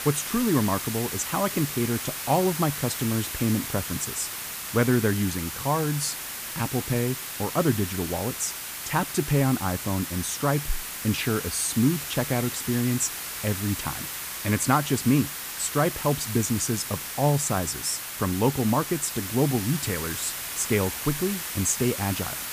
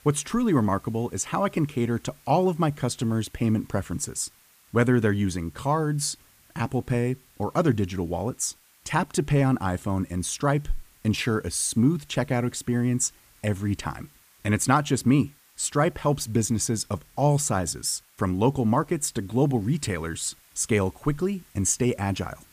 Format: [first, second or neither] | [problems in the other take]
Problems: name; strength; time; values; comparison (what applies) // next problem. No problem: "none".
second | hiss; loud; throughout; 5 dB below the speech; faint in the second